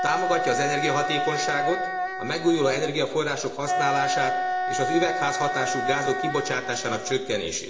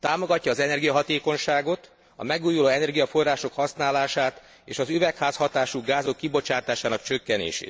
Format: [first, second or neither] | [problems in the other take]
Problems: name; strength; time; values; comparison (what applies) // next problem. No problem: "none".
second | background sound (Wind instrument, woodwind instrument); 2 dB below the speech // room echo; dies away in 0.8 s